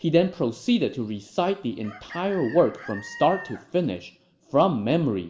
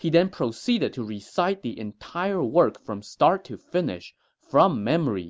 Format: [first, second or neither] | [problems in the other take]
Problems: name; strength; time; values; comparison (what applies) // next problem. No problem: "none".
second | background sound (Chicken, rooster); 18 dB below the speech // room echo; dies away in 0.6 s